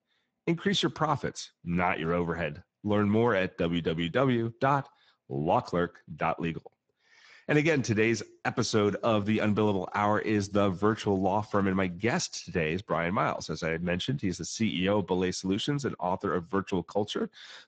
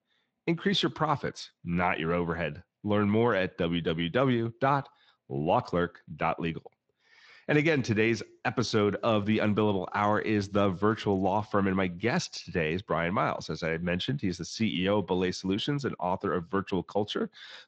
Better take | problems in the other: second | garbled, watery; badly; nothing above 7.5 kHz; slightly in the second

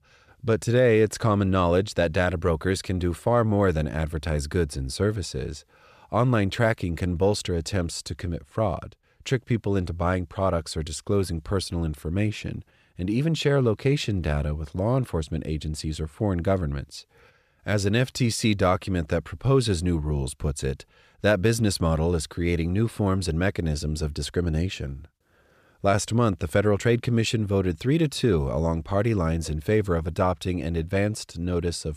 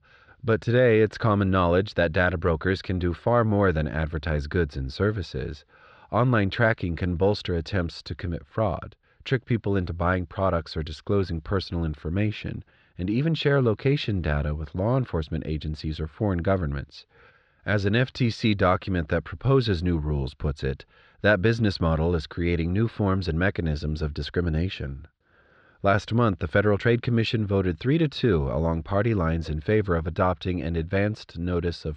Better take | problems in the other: first | muffled; very slightly; fading above 4 kHz

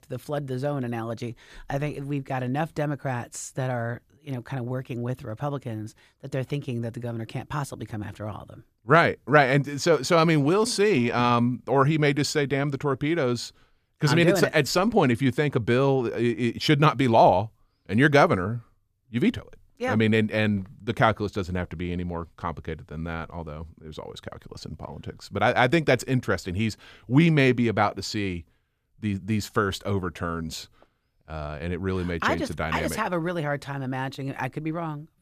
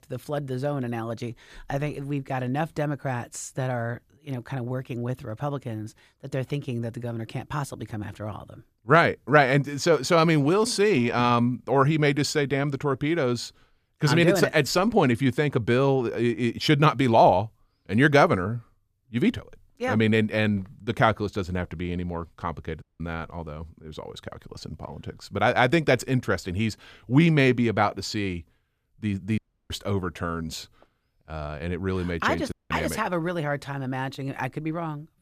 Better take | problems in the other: first | audio cutting out; at 23 s, at 29 s and at 33 s

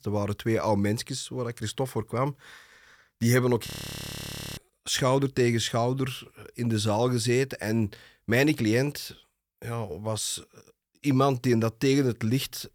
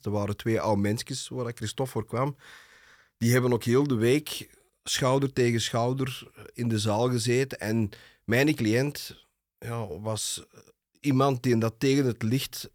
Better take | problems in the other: second | audio freezing; at 3.5 s for 1 s

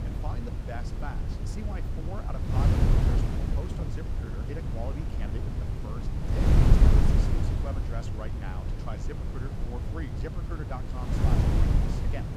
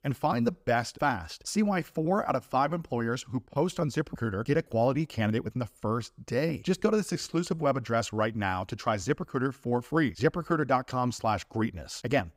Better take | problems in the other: second | wind noise on the microphone; heavy; 4 dB above the speech

